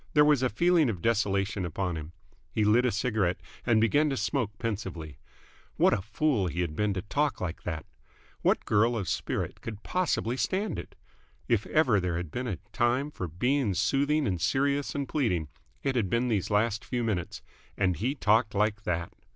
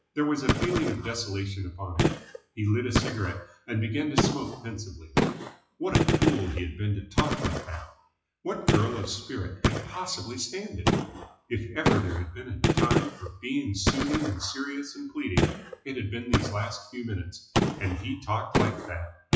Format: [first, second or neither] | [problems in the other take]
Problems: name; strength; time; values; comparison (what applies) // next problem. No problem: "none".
first | noise reduction (classical method WPE with log-MMSE)